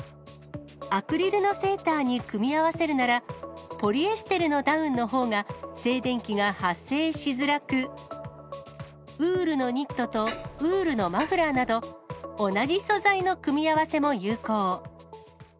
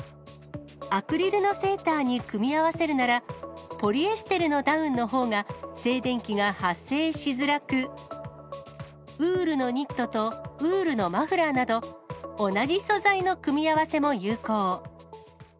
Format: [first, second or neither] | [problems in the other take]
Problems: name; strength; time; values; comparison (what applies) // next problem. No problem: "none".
second | background sound (Clock); 15 dB below the speech